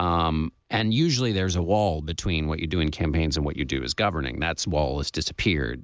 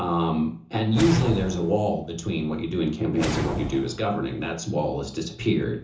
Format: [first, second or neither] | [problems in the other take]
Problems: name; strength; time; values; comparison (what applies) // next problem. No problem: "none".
first | background sound (Whoosh, swoosh, swish); 9 dB below the speech // room echo; dies away in 0.8 s